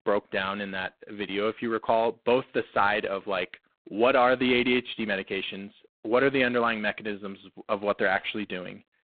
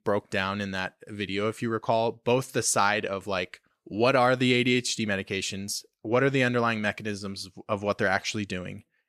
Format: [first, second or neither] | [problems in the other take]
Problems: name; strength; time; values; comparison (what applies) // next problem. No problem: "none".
second | phone-call audio; poor line; nothing above 3.5 kHz